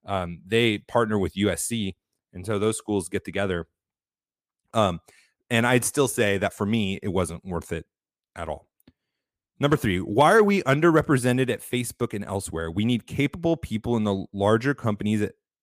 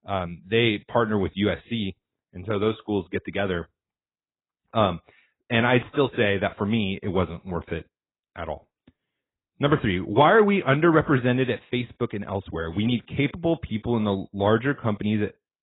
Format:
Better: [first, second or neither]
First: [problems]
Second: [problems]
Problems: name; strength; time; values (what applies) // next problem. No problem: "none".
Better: first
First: none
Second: garbled, watery; badly; nothing above 3.5 kHz